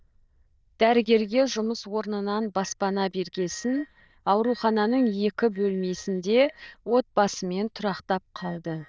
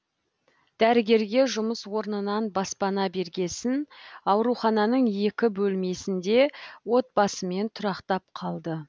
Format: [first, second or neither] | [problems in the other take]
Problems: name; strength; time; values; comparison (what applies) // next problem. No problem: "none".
second | noise reduction (neural diffusion model UNIVERSE++)